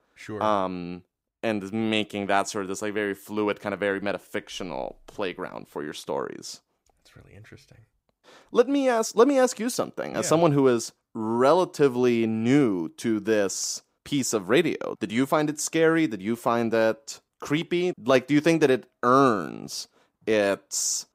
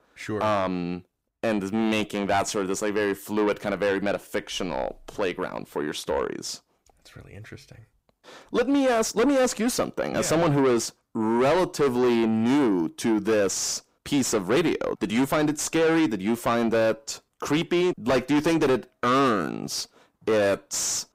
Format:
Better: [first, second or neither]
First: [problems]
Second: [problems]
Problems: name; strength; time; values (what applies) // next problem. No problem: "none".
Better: first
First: none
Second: distortion; heavy; 6 dB below the speech